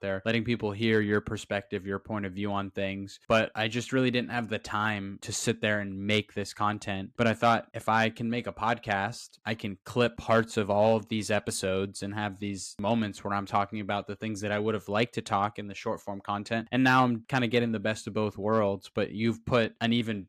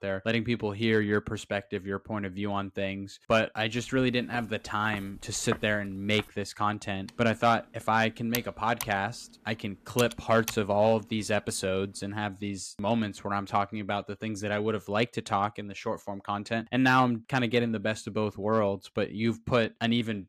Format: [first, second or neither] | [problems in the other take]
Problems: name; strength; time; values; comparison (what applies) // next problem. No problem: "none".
first | footsteps; noticeable; from 4.5 to 6 s; peak 10 dB below the speech // keyboard typing; noticeable; from 7 to 11 s; peak 7 dB below the speech